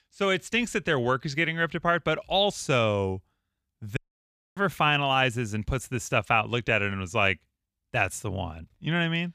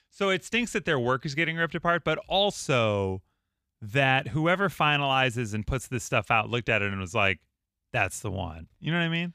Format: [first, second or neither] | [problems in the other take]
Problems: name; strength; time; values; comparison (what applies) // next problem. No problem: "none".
second | audio cutting out; at 4 s for 0.5 s